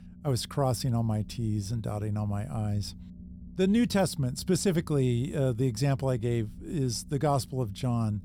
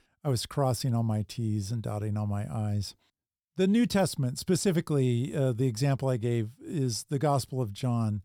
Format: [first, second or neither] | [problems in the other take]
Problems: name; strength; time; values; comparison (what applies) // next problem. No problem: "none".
second | low rumble; faint; throughout; 25 dB below the speech